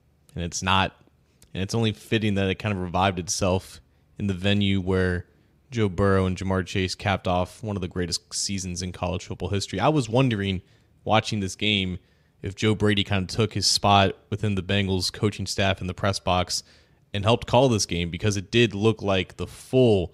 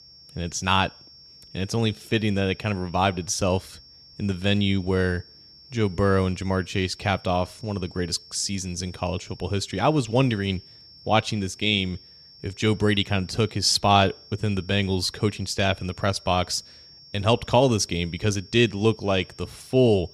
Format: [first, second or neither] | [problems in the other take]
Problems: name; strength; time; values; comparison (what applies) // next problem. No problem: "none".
first | high-pitched whine; faint; throughout; 5.5 kHz, 20 dB below the speech